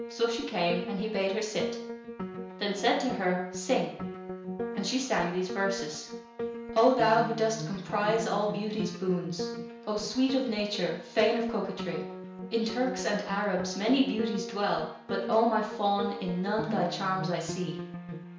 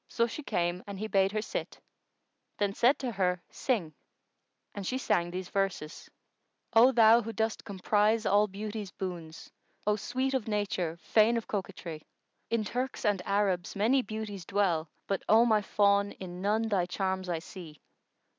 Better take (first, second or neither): second